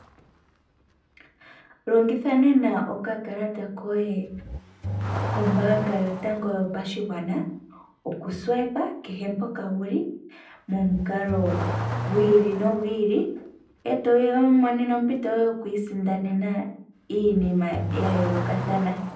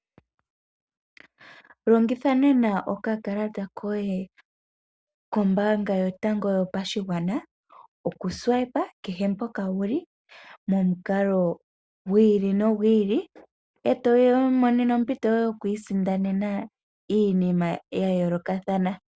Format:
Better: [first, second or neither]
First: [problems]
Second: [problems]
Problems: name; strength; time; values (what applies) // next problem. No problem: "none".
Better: second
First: background sound (Accelerating, revving, vroom / Car); 9 dB below the speech // room echo; dies away in 0.6 s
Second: none